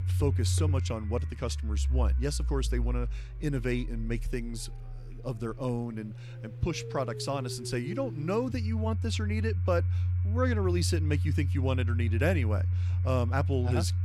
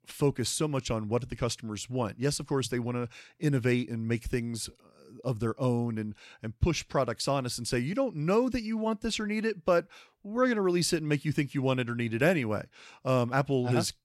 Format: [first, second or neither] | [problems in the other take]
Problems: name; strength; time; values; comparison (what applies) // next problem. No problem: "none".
second | household noises; very loud; throughout; 2 dB above the speech